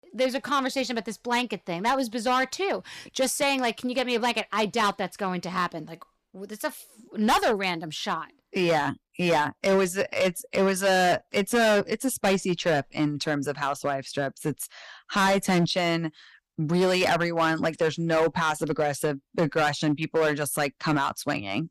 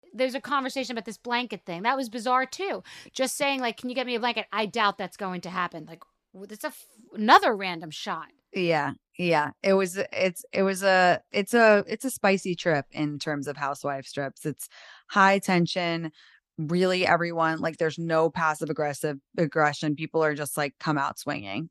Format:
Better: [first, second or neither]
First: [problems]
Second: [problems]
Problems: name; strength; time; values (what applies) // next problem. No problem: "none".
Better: second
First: distortion; heavy; 8% of the sound clipped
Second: none